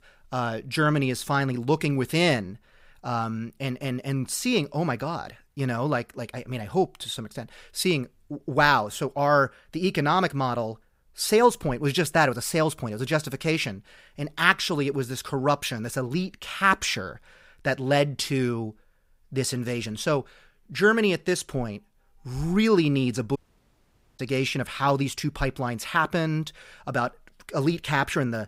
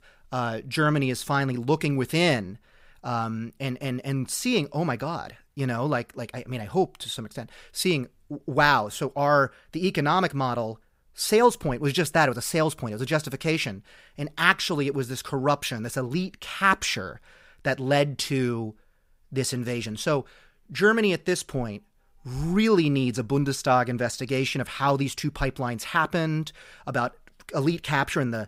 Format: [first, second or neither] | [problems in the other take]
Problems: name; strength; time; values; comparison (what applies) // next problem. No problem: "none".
second | audio cutting out; at 23 s for 1 s